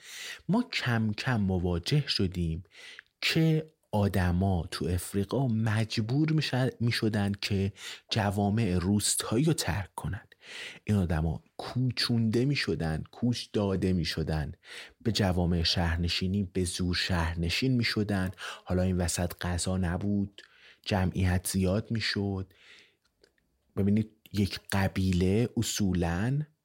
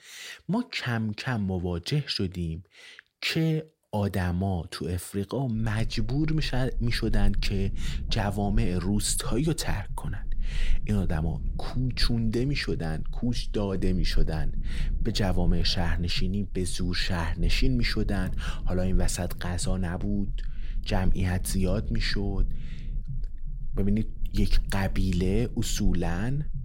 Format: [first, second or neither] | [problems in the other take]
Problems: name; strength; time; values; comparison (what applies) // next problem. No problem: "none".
first | low rumble; faint; from 5.5 s on; 20 dB below the speech